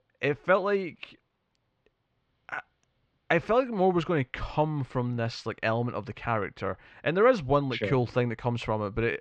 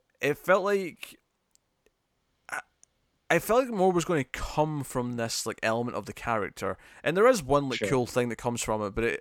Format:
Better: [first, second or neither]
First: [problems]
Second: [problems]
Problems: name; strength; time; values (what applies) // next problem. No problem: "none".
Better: second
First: muffled; slightly; fading above 4 kHz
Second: none